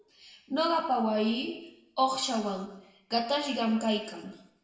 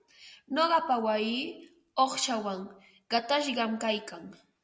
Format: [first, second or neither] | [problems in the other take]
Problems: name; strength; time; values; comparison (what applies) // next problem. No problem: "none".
second | room echo; dies away in 0.8 s